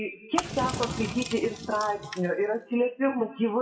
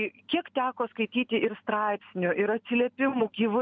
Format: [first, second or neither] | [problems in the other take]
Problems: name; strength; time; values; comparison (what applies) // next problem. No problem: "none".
second | noise reduction (classical method WPE with log-MMSE)